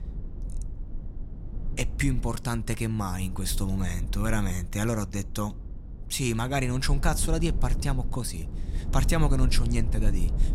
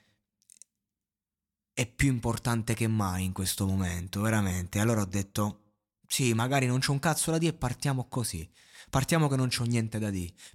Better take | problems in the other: second | low rumble; noticeable; throughout; 15 dB below the speech

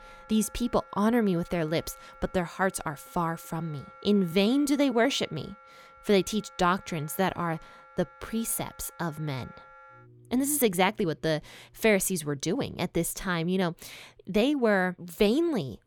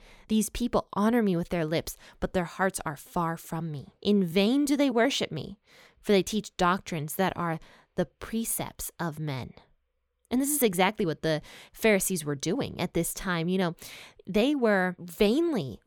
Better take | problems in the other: second | background music; faint; throughout; 25 dB below the speech

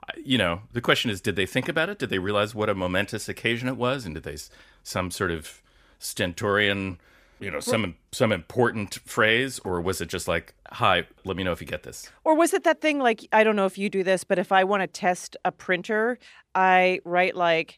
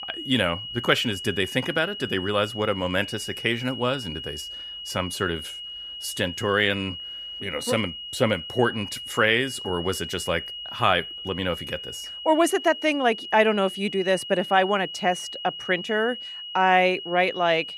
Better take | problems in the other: first | high-pitched whine; loud; throughout; 3 kHz, 9 dB below the speech

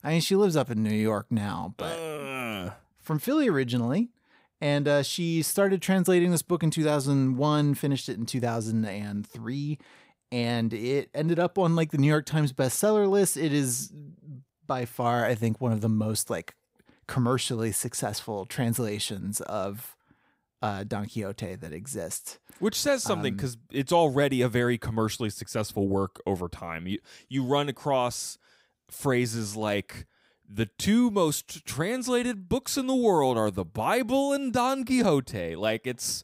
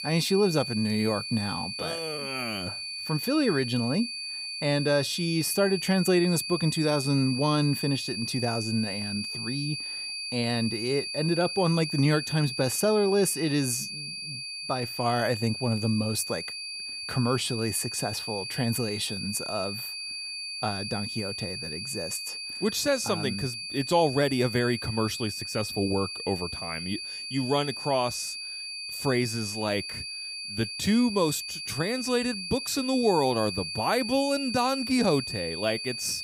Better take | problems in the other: first | high-pitched whine; loud; throughout; 4.5 kHz, 5 dB below the speech

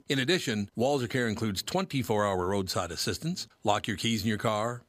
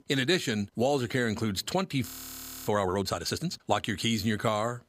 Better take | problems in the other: first | audio freezing; at 2 s for 0.5 s

